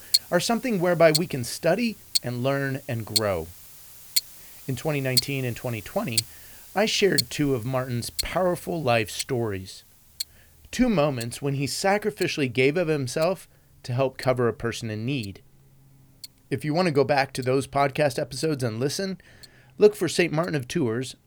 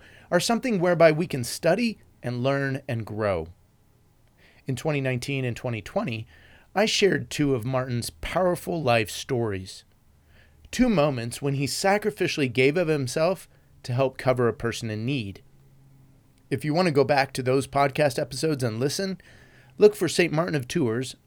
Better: second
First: household noises; loud; throughout; 4 dB below the speech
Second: none

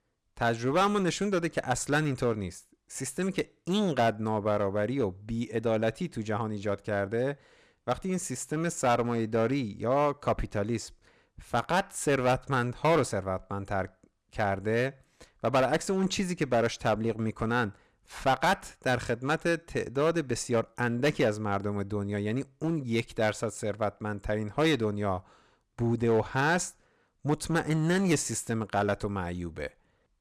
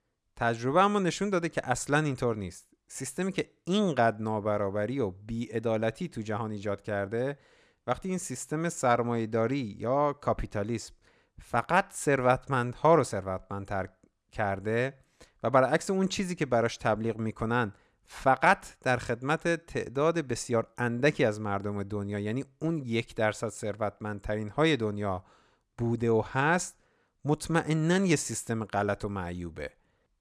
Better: second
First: distortion; slight; 5% of the sound clipped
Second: none

